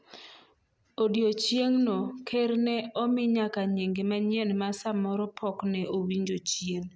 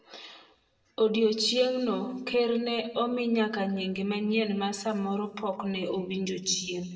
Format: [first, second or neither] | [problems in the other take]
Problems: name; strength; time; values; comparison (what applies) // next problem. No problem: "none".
first | room echo; dies away in 0.8 s